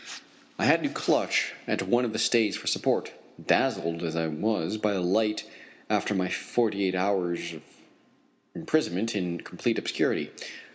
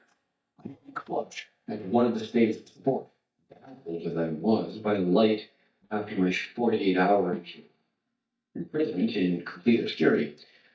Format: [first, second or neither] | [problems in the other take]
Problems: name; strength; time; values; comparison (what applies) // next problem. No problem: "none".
first | noise reduction (neural mask model DeepFilterNet 3)